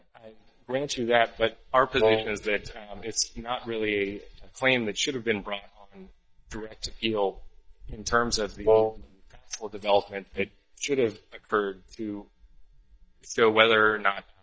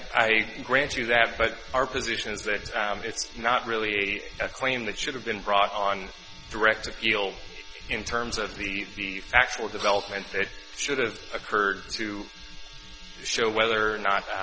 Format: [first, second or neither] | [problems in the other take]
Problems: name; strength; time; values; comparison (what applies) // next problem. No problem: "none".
second | noise reduction (neural mask model DeepFilterNet 3)